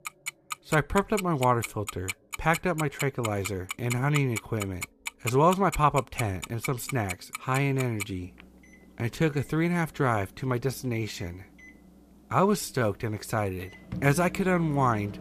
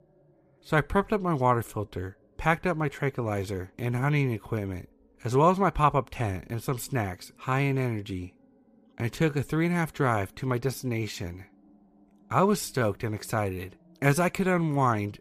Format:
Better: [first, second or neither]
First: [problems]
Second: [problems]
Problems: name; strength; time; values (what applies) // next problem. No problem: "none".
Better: second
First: household noises; loud; throughout; 10 dB below the speech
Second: none